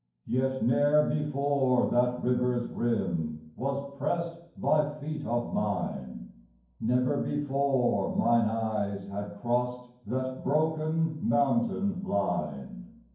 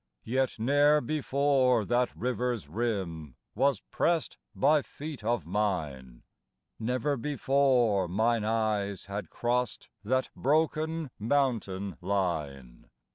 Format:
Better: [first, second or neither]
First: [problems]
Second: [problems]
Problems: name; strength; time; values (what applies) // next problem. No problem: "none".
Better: second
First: room echo; dies away in 0.9 s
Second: none